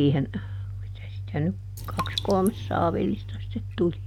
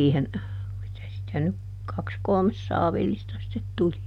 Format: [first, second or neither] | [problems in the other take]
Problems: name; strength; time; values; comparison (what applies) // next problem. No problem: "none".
second | background sound (Raindrop); 11 dB below the speech